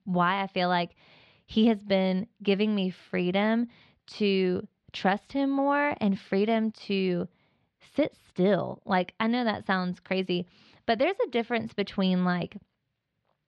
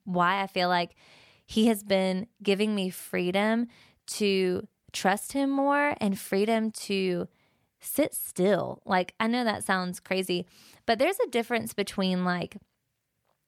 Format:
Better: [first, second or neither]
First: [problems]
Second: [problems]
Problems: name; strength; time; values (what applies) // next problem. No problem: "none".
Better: second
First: muffled; very slightly; fading above 4 kHz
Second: none